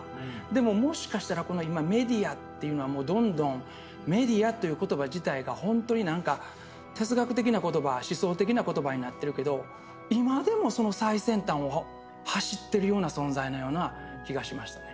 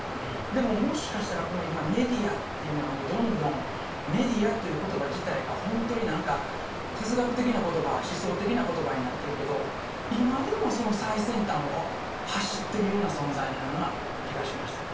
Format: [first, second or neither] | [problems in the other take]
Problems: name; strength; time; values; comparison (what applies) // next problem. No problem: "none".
first | background sound (Water); 5 dB below the speech // room echo; dies away in 0.3 s